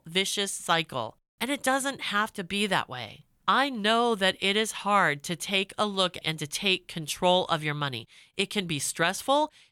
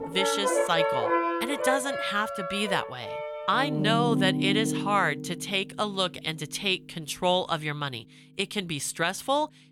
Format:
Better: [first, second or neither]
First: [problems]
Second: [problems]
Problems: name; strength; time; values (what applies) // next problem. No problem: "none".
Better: first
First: none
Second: background music; loud; throughout; 1 dB below the speech